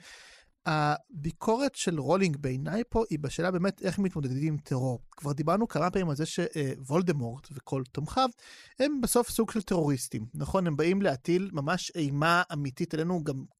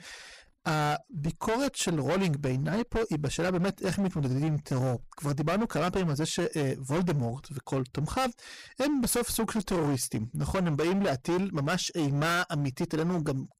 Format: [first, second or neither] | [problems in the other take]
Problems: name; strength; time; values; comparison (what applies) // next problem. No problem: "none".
first | distortion; heavy; 21% of the sound clipped